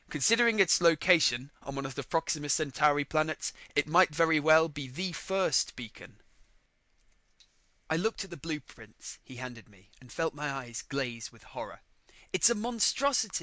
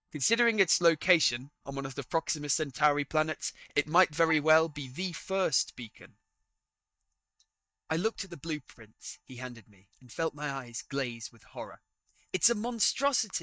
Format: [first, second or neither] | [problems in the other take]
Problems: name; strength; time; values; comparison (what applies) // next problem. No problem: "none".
first | noise reduction (neural mask model DeepFilterNet 3)